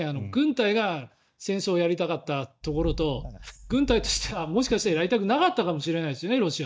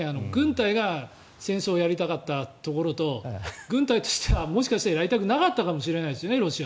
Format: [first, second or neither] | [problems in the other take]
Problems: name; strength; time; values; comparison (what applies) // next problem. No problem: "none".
second | noise reduction (neural mask model DeepFilterNet 3)